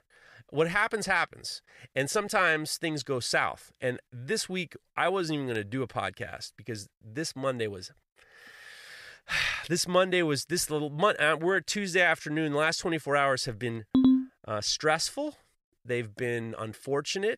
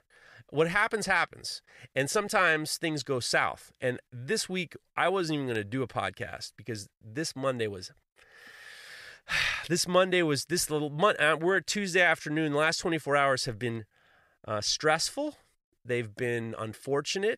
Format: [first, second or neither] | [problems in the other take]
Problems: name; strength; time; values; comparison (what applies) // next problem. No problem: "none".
second | phone ringing; loud; at 14 s; peak 6 dB above the speech